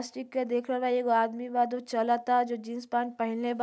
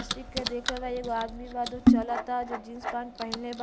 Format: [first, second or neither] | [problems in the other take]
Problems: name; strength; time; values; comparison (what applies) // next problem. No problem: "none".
first | background sound (Typing); 4 dB above the speech